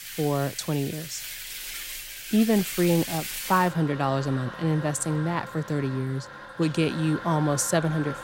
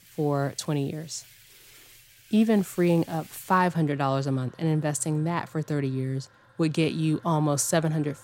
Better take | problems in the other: second | household noises; loud; throughout; 10 dB below the speech; faint in the second

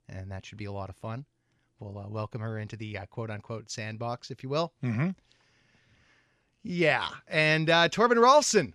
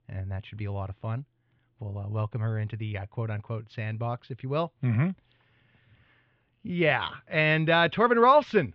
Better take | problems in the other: first | muffled; very; fading above 3.5 kHz

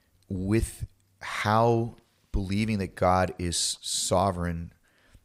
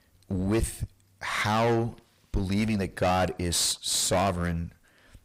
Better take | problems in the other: first | distortion; heavy; 12% of the sound clipped

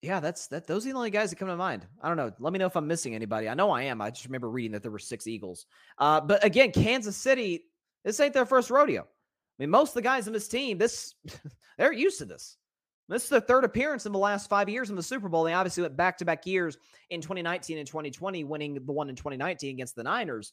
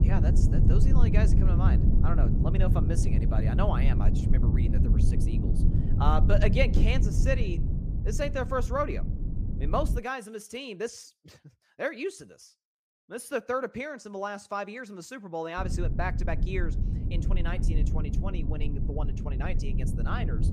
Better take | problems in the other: first | low rumble; loud; until 10 s and from 16 s on; 6 dB below the speech

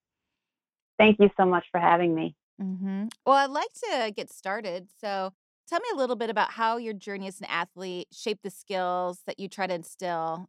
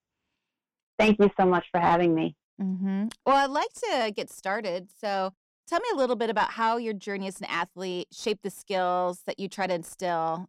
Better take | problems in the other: first | distortion; slight; 10 dB below the speech

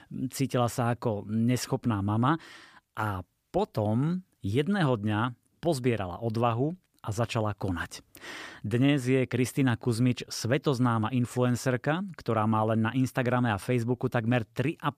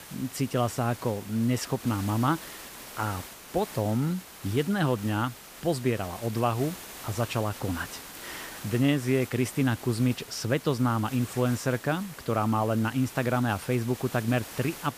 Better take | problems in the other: first | hiss; noticeable; throughout; 15 dB below the speech

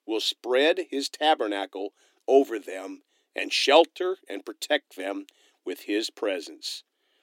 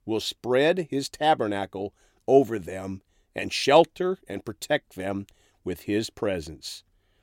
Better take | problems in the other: second | thin; very slightly; fading below 300 Hz

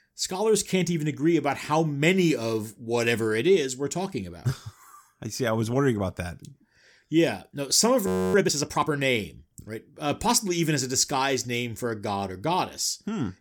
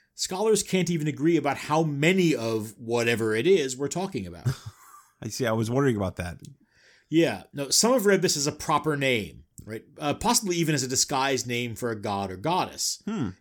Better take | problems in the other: second | audio freezing; at 8 s

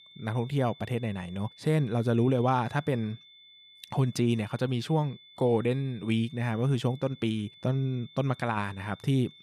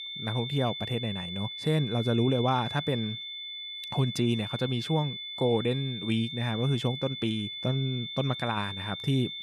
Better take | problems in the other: first | high-pitched whine; loud; throughout; 3.5 kHz, 6 dB below the speech; faint in the first

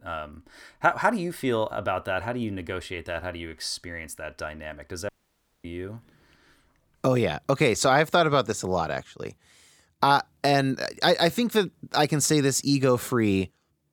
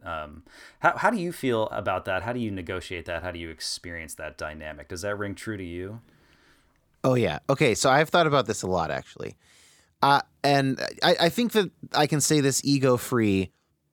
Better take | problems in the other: second | audio cutting out; at 5 s for 0.5 s

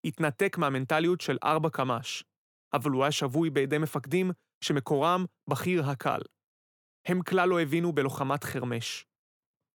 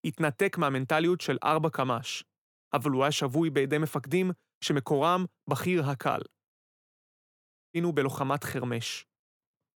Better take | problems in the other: first | audio cutting out; at 7 s for 1 s

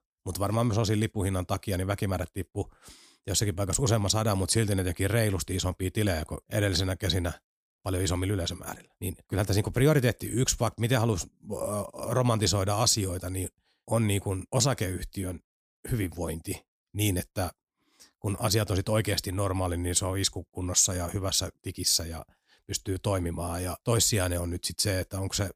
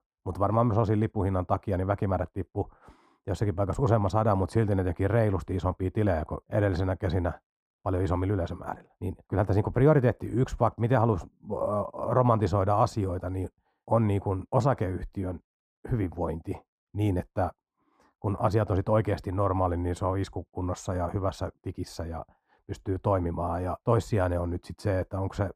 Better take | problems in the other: first | muffled; very; fading above 2.5 kHz

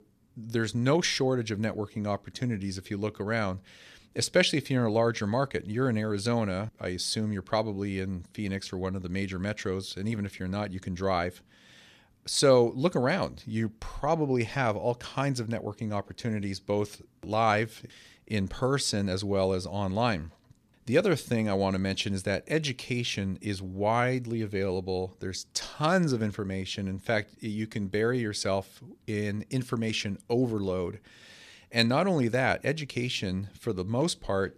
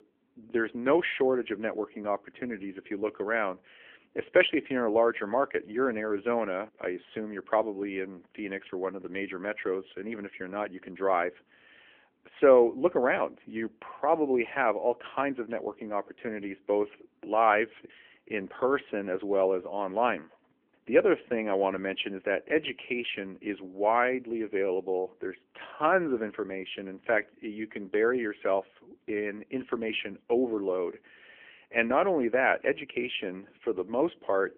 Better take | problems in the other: first | phone-call audio; nothing above 3 kHz

